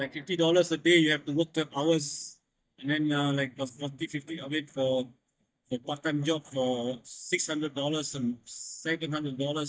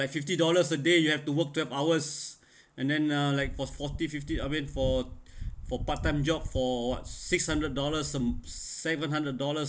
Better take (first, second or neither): second